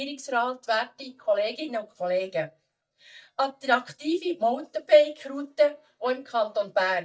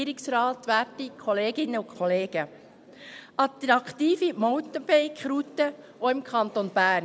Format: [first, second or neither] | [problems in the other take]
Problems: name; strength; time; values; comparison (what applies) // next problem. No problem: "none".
second | noise reduction (neural mask model DeepFilterNet 3)